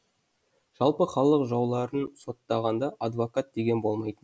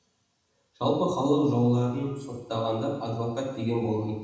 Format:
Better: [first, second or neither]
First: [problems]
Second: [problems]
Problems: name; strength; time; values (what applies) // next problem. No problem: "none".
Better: first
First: none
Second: room echo; dies away in 1.1 s